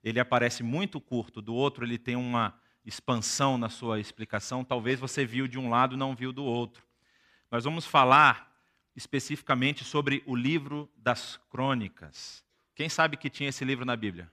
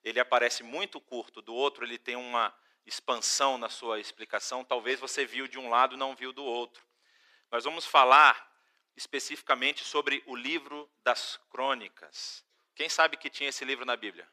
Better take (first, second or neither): first